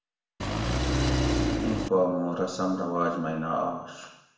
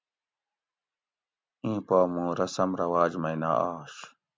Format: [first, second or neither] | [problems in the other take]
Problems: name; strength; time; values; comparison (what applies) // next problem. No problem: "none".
second | background sound (Engine); 4 dB above the speech // room echo; dies away in 0.9 s